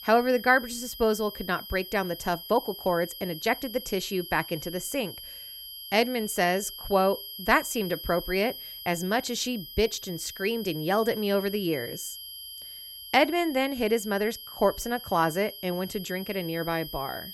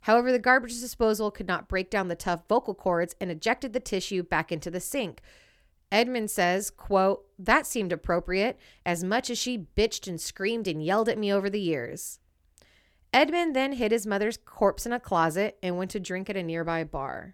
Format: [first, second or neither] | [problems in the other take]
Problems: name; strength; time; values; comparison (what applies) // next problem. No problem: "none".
second | high-pitched whine; noticeable; throughout; 3 kHz, 10 dB below the speech